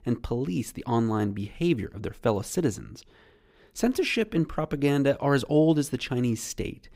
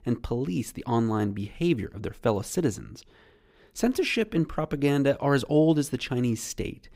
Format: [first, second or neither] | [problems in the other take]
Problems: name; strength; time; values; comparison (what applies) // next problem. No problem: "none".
neither | none